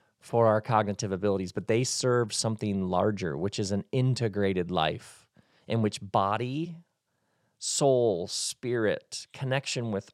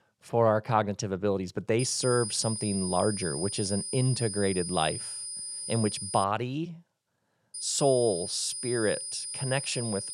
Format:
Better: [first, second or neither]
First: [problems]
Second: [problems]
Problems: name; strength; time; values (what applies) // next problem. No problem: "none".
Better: first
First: none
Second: high-pitched whine; loud; from 2 to 6 s and from 7.5 s on; 9.5 kHz, 5 dB below the speech